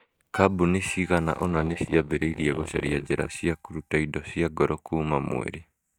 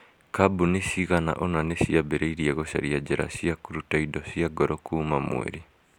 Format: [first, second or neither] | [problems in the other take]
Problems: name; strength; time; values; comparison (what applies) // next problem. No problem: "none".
second | noise reduction (neural mask model DeepFilterNet 3)